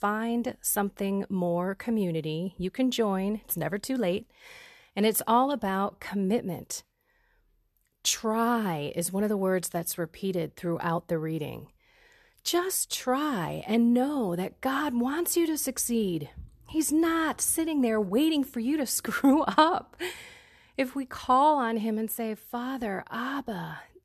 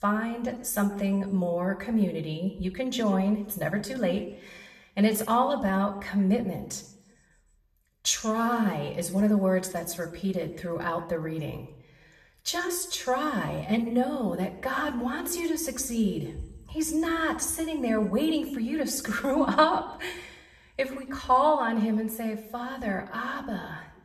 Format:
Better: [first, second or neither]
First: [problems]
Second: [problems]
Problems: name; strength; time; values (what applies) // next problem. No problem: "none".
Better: first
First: none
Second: room echo; slight; dies away in 0.7 s // off-mic speech; somewhat distant